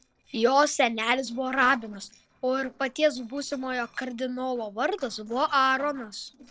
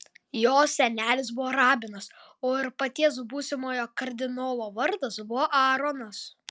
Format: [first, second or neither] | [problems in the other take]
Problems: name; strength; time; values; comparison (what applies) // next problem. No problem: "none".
second | noise reduction (neural separator model SepFormer DNS4)